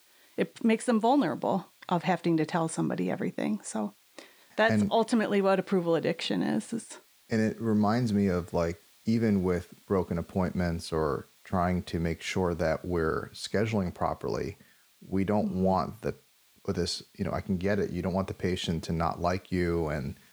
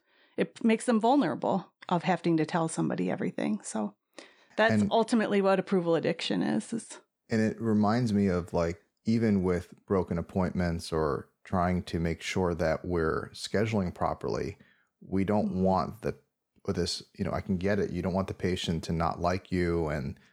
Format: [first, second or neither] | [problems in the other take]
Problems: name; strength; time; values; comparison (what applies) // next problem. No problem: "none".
second | hiss; faint; throughout; 30 dB below the speech